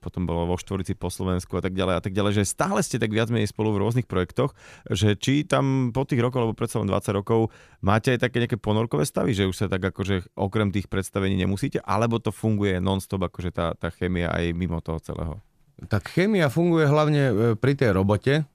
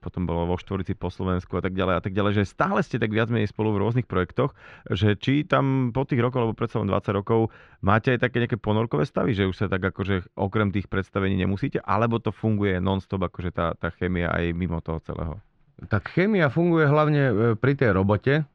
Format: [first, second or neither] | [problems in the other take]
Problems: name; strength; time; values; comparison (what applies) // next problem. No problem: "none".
first | muffled; slightly; fading above 3.5 kHz